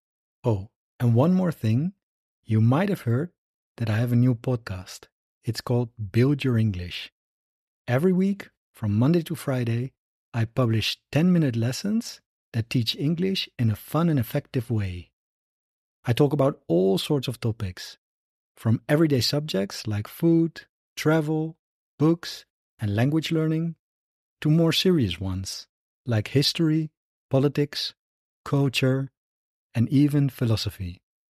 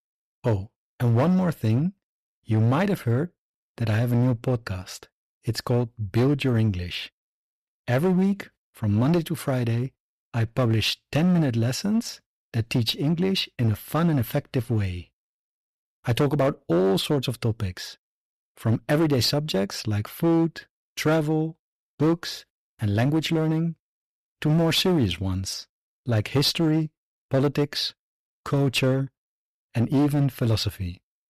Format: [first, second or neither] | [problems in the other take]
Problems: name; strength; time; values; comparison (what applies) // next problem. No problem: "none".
first | distortion; slight; 9% of the sound clipped